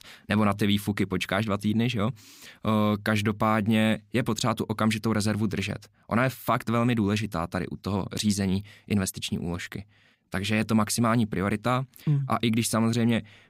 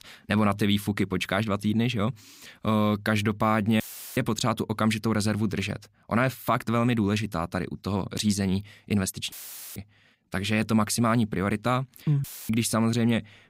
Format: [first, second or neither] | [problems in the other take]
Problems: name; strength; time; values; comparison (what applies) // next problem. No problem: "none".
first | audio cutting out; filled with static; at 4 s, at 9.5 s and at 12 s